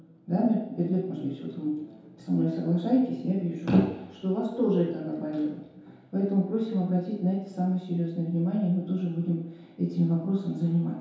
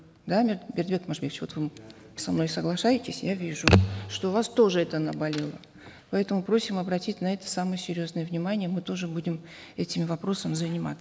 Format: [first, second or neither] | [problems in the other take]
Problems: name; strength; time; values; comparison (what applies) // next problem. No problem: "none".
second | room echo; dies away in 0.8 s